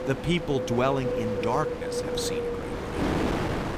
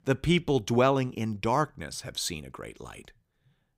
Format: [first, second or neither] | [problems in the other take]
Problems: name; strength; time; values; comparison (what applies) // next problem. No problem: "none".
second | wind noise on the microphone; heavy; 1 dB below the speech